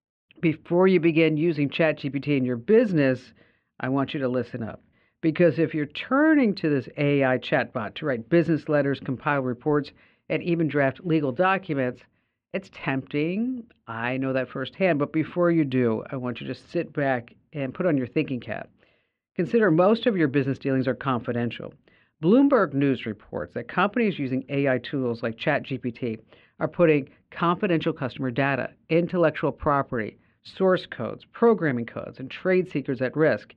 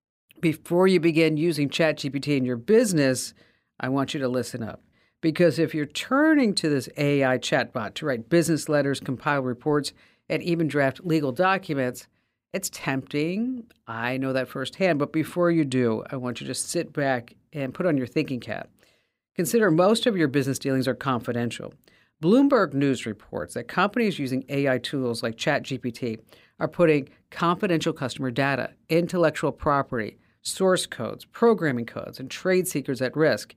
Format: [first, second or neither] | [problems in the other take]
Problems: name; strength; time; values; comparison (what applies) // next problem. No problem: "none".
second | muffled; slightly; fading above 3 kHz